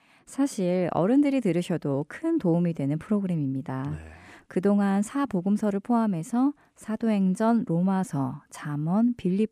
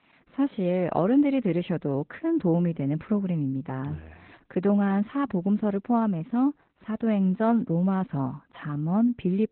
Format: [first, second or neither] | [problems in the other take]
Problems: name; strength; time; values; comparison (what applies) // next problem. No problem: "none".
first | garbled, watery; badly